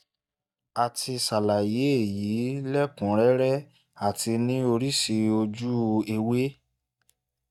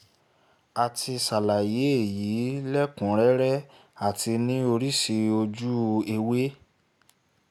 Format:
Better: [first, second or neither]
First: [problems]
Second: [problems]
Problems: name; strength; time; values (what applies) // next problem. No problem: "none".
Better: second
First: noise reduction (neural mask model DeepFilterNet 3)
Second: none